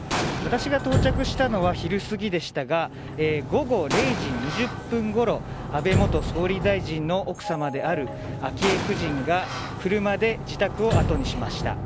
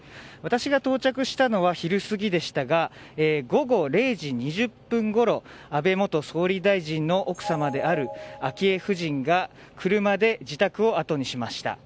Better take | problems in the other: second | background sound (Explosion + Sliding door); 3 dB below the speech

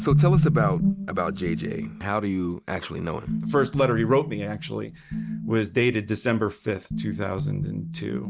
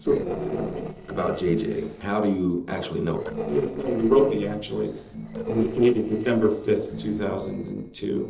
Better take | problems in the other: first | noise reduction (neural separator model SepFormer DNS4)

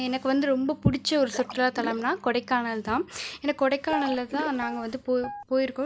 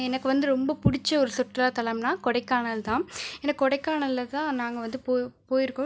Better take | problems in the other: second | background sound (Splash, splatter + Guitar); 10 dB below the speech

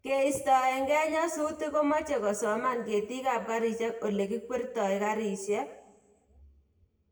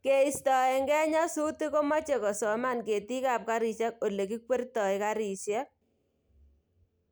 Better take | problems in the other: second | room echo; dies away in 0.8 s

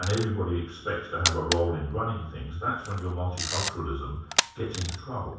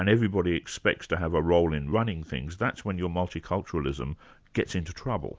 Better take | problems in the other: second | background sound (Camera); 5 dB below the speech // room echo; dies away in 0.7 s

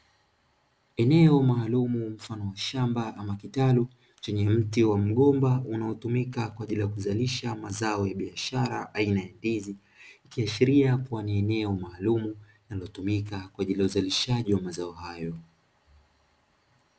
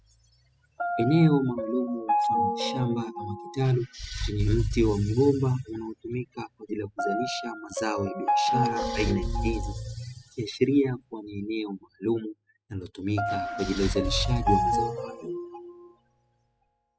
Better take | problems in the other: first | noise reduction (classical method spectral subtraction)

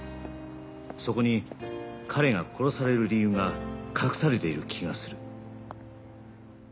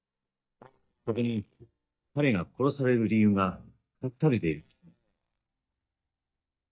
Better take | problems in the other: first | noise reduction (neural mask model DeepFilterNet 3)

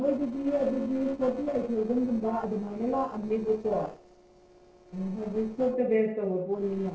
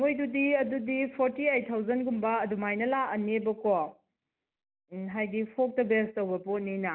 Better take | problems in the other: second | noise reduction (neural separator model SepFormer DNS4)

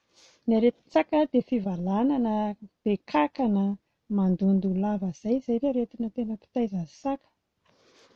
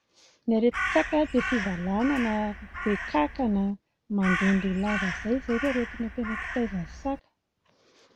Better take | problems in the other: first | background sound (Crow); 6 dB below the speech

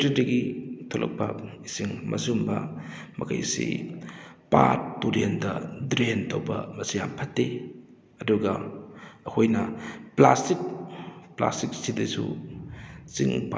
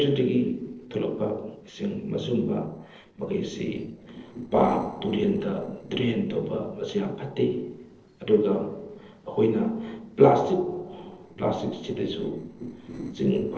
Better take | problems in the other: first | noise reduction (neural separator model SepFormer DNS4)

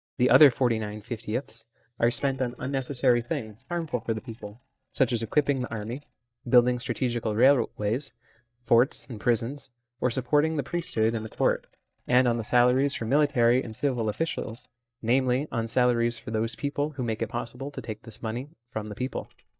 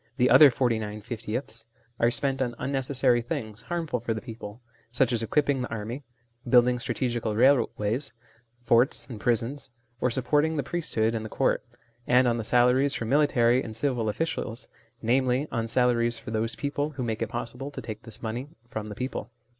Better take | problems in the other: second | noise reduction (neural mask model DeepFilterNet 3)

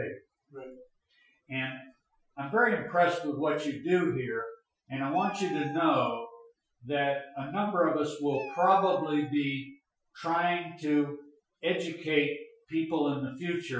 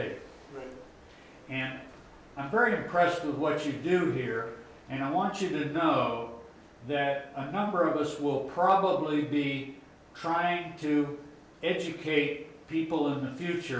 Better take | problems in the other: second | noise reduction (classical method Wiener filter)

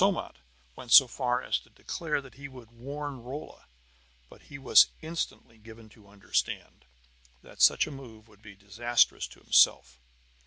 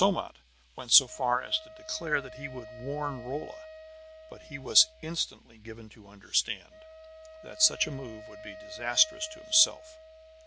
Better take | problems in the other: first | background sound (Wind instrument, woodwind instrument); 16 dB below the speech

